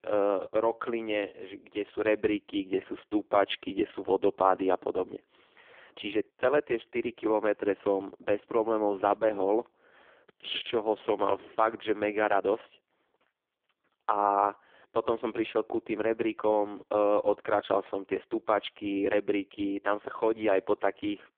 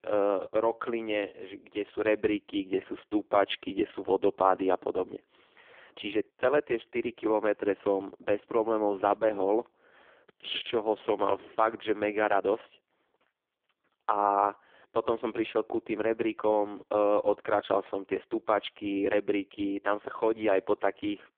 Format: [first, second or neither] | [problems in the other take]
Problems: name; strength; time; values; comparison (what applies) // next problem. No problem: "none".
neither | phone-call audio; poor line; nothing above 3.5 kHz; the same in both